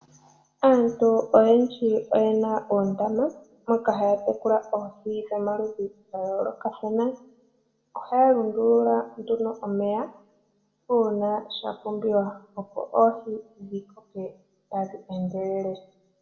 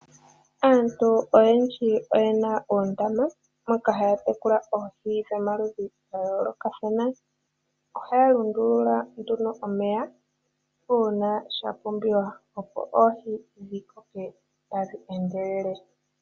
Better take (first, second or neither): second